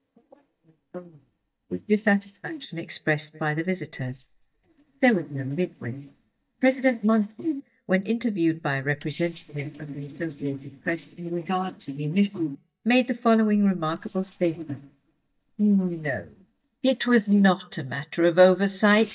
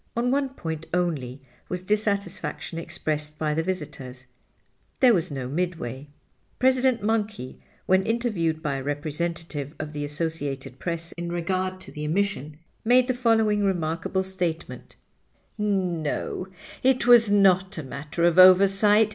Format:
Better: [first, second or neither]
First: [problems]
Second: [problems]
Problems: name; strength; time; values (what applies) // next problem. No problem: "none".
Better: second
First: noise reduction (neural mask model DeepFilterNet 3)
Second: none